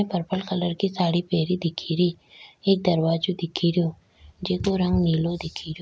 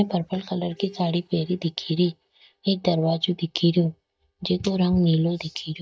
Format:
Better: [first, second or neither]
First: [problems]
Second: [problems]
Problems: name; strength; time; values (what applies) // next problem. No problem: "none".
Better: first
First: none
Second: noise reduction (neural mask model DeepFilterNet 3)